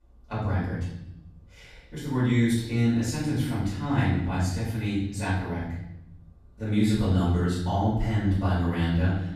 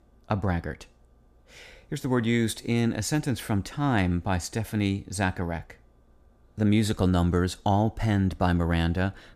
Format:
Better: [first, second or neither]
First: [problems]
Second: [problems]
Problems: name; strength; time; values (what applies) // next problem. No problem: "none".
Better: second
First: off-mic speech; far // room echo; noticeable; dies away in 0.9 s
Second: none